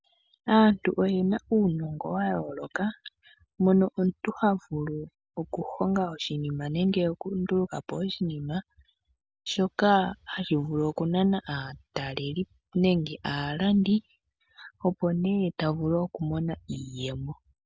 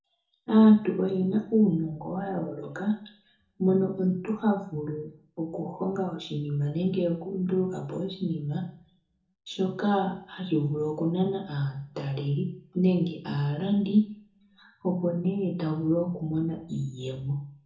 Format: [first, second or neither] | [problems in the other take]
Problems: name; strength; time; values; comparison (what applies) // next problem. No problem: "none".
first | room echo; dies away in 0.6 s